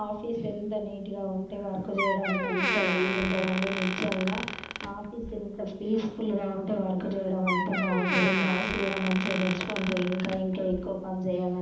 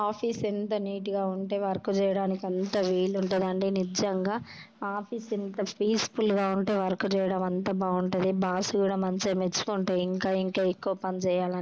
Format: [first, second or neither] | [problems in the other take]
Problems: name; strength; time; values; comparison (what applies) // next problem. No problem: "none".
second | background sound (Door); 5 dB below the speech // room echo; dies away in 0.8 s